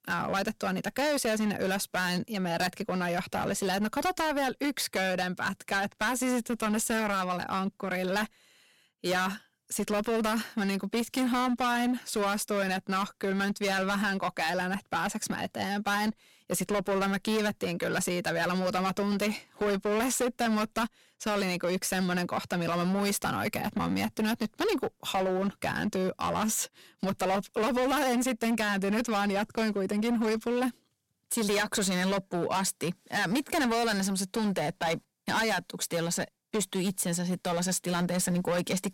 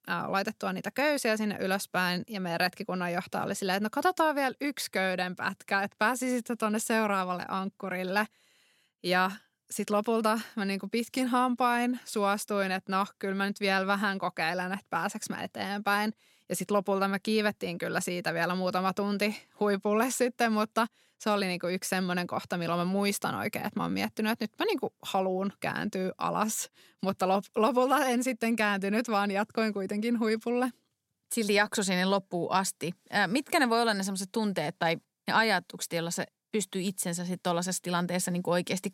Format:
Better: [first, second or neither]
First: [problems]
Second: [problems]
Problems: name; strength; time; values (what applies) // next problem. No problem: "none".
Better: second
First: distortion; heavy; 16% of the sound clipped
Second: none